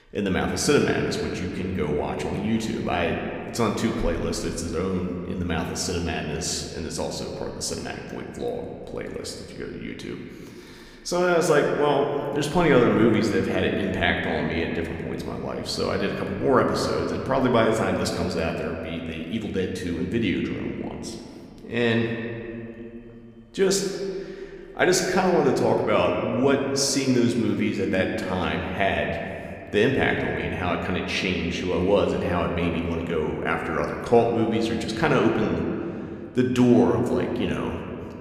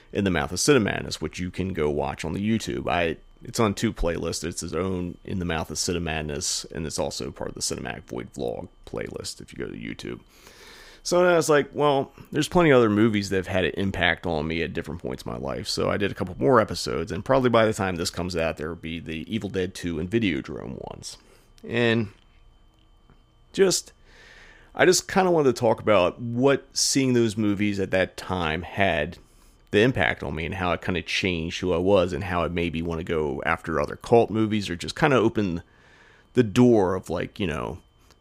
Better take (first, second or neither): second